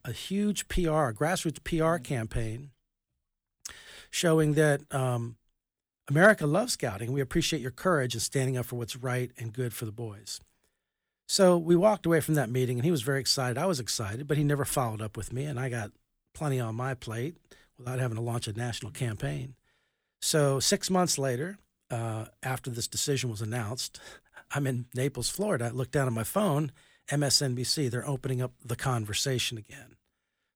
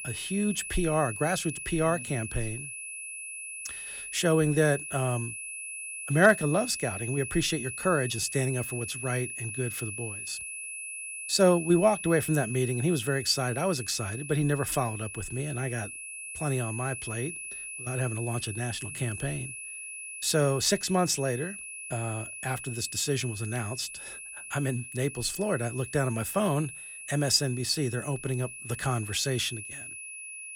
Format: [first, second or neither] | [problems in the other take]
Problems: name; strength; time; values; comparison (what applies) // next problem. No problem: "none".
first | high-pitched whine; loud; throughout; 2.5 kHz, 8 dB below the speech